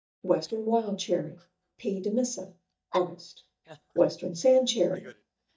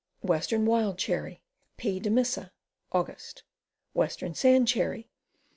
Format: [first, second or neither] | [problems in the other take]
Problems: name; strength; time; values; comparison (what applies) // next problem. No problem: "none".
second | noise reduction (neural mask model DeepFilterNet 3)